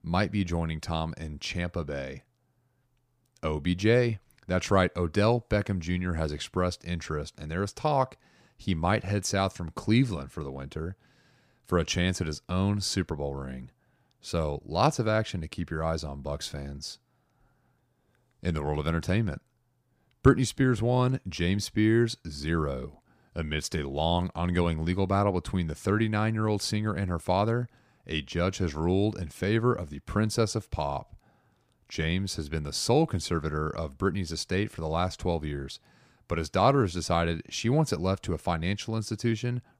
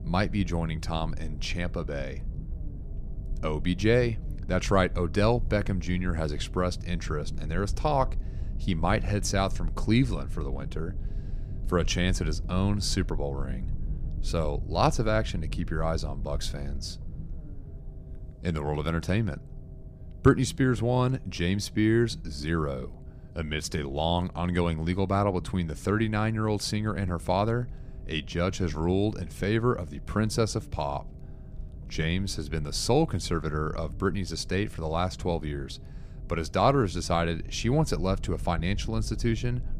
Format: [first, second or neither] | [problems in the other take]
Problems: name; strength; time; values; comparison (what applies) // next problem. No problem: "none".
first | low rumble; faint; throughout; 20 dB below the speech